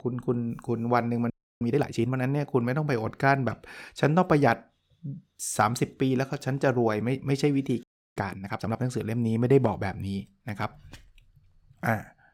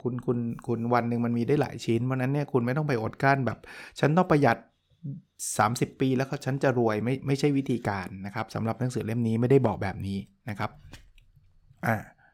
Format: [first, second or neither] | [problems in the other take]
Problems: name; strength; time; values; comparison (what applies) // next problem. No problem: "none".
second | audio freezing; at 1.5 s and at 8 s